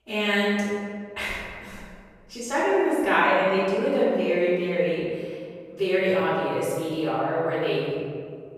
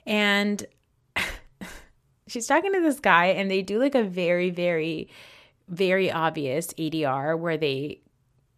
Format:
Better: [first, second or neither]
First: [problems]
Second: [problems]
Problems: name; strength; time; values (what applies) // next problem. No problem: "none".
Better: second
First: room echo; strong; dies away in 1.7 s // off-mic speech; far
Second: none